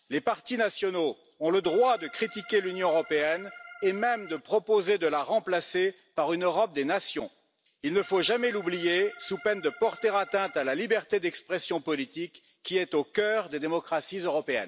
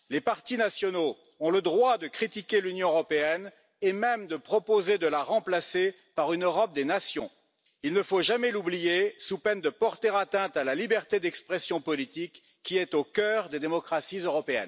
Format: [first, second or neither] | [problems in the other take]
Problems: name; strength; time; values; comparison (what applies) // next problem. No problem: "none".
second | background sound (Organ); 18 dB below the speech